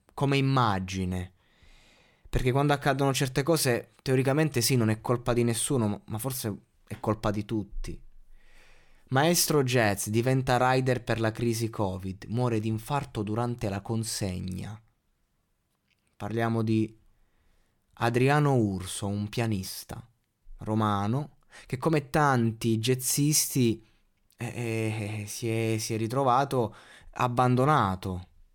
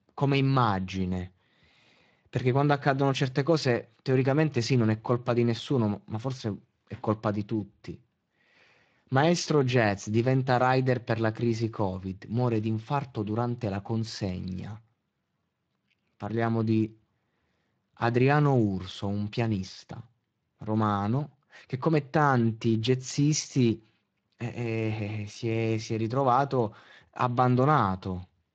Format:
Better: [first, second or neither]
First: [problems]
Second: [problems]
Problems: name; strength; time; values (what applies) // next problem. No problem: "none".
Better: first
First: none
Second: garbled, watery; slightly